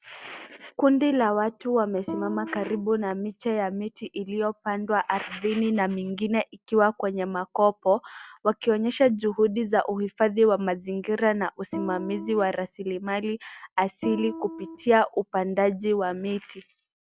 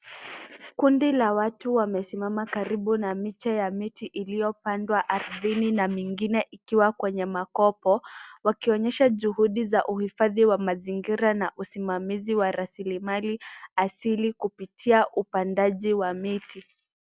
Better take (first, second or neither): second